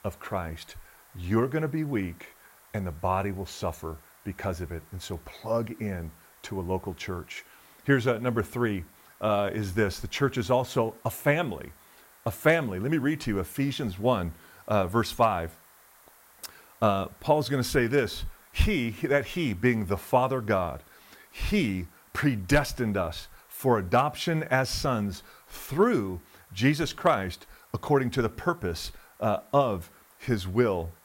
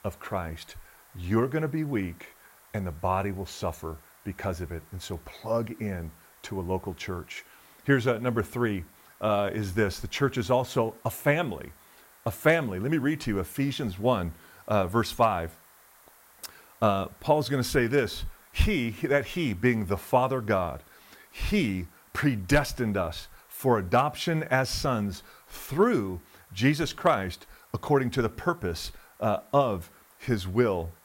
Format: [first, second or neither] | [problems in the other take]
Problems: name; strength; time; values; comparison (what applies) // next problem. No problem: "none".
neither | hiss; faint; throughout; 25 dB below the speech; the same in both